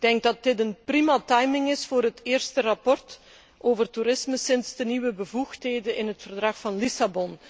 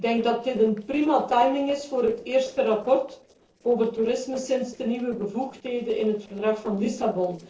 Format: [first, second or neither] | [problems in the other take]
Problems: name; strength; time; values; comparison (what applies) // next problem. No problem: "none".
first | noise reduction (neural separator model SepFormer DNS4)